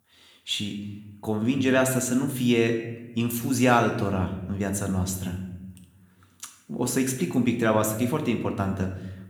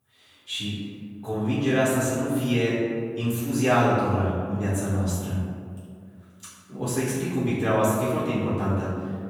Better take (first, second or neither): first